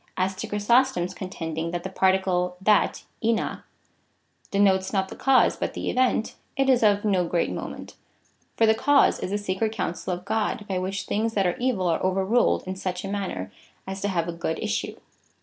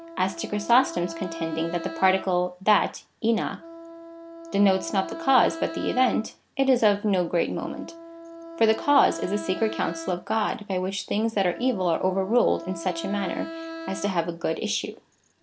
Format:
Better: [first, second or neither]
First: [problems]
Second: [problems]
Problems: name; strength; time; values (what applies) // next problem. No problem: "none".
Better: first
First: none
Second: background sound (Wind instrument, woodwind instrument); 13 dB below the speech